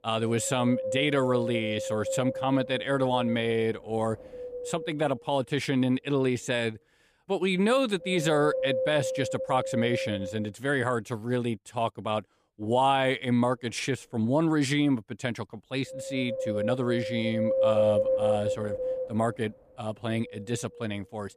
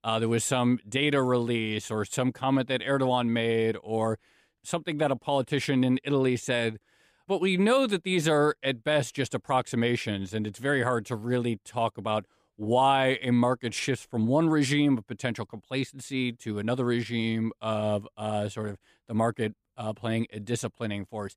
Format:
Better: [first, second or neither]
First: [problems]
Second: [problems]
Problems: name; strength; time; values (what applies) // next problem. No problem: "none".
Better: second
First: wind noise on the microphone; heavy; until 10 s and from 13 s on; 2 dB below the speech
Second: none